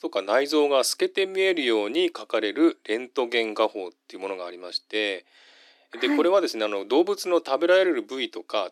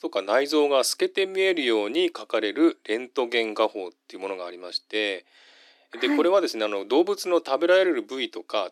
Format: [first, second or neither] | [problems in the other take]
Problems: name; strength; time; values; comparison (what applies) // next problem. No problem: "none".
neither | thin; somewhat; fading below 300 Hz; the same in both